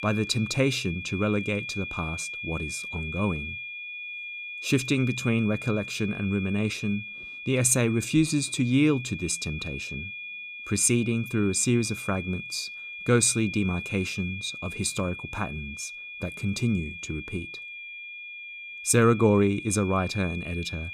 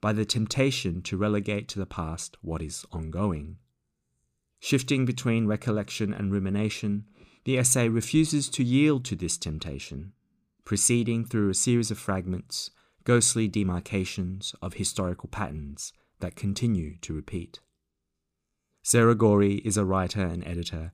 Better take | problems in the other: second | high-pitched whine; loud; throughout; 2.5 kHz, 9 dB below the speech

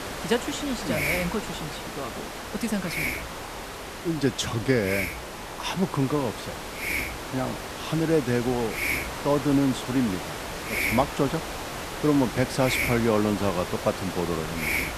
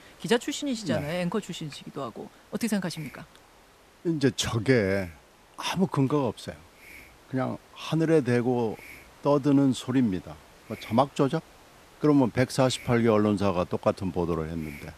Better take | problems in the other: second | hiss; loud; throughout; 4 dB below the speech; faint in the second

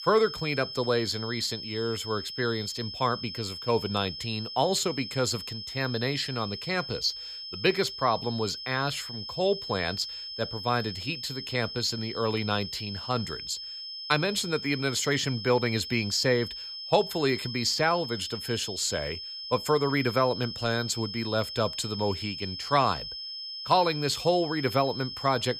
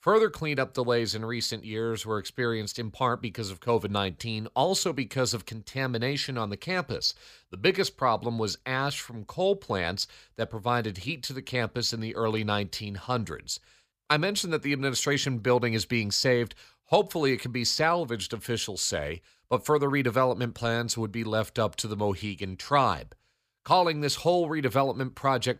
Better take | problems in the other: second | high-pitched whine; loud; throughout; 5 kHz, 7 dB below the speech

